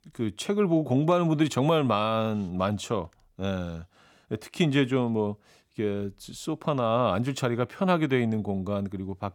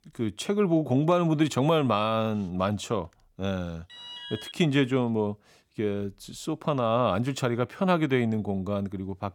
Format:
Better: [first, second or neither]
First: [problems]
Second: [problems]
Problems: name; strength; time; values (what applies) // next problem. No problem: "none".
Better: first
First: none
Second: alarm; faint; at 4 s; peak 10 dB below the speech